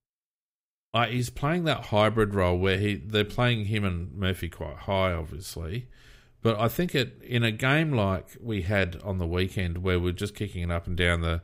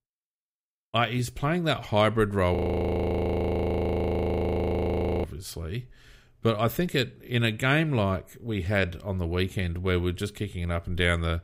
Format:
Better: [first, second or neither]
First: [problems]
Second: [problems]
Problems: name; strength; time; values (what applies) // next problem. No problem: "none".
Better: first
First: none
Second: audio freezing; at 2.5 s for 2.5 s